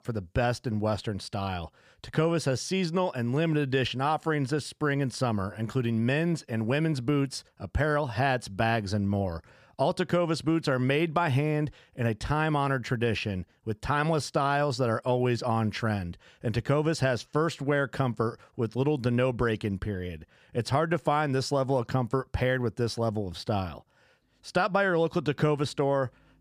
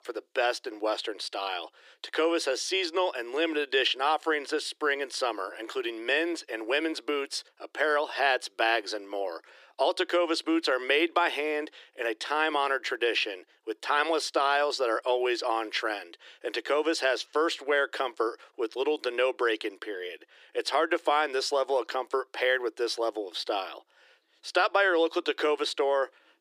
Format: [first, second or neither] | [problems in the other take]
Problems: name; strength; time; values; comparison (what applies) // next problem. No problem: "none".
first | thin; very; fading below 300 Hz